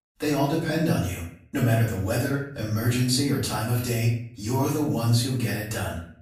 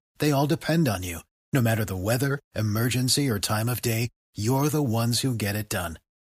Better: second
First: off-mic speech; far // room echo; noticeable; dies away in 0.5 s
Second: none

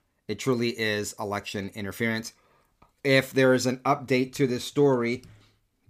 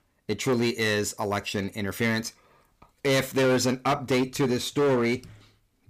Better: first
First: none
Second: distortion; heavy; 10% of the sound clipped

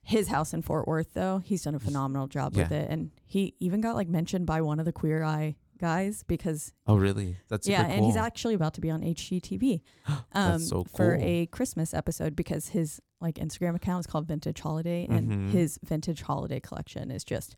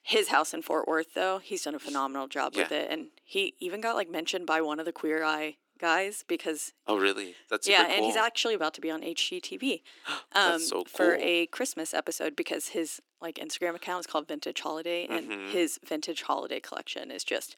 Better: first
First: none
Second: thin; very; fading below 300 Hz

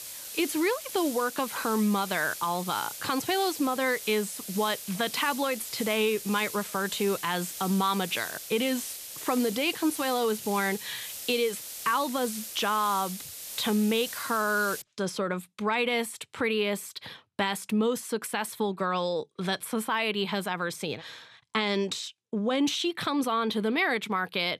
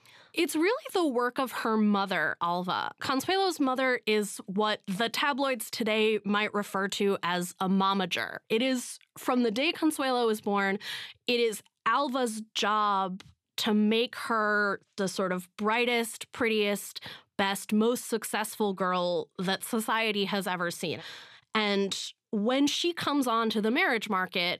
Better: second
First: hiss; loud; until 15 s; 9 dB below the speech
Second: none

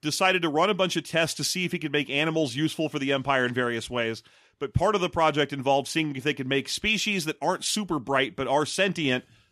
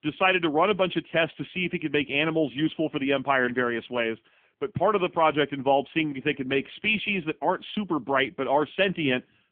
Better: first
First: none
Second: phone-call audio; poor line; nothing above 3.5 kHz

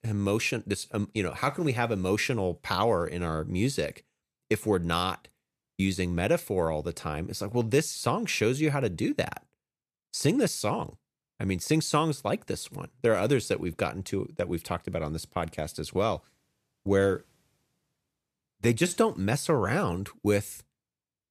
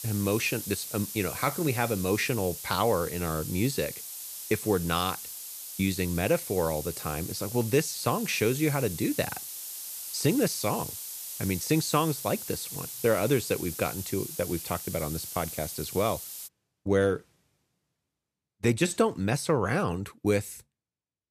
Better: first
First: none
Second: hiss; loud; until 16 s; 8 dB below the speech

